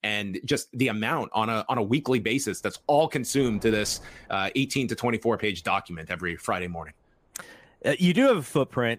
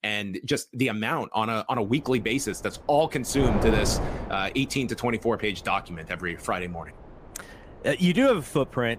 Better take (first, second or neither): first